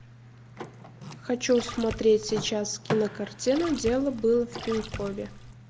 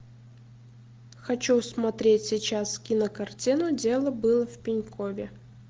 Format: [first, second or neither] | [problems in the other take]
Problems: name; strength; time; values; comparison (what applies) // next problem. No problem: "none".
second | background sound (Splash, splatter + Door / Car); 12 dB below the speech